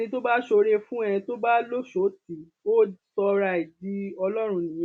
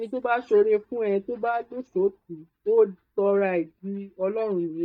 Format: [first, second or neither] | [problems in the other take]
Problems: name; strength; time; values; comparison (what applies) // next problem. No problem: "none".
first | noise reduction (neural mask model DeepFilterNet 3)